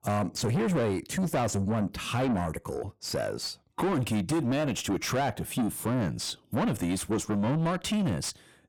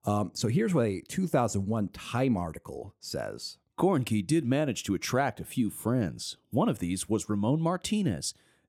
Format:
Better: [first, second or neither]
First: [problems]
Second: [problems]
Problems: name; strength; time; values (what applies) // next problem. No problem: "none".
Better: second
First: distortion; heavy; 7 dB below the speech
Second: none